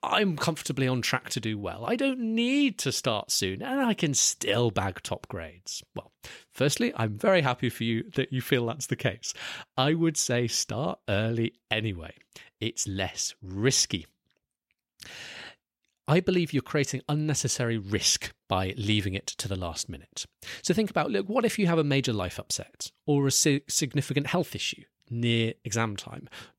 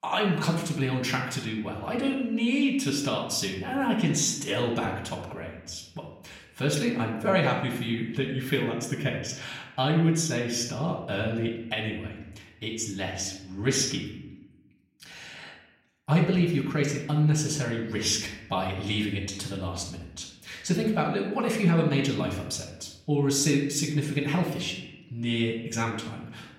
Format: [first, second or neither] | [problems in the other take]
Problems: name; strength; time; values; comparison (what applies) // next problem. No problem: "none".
first | off-mic speech; far // room echo; noticeable; dies away in 0.8 s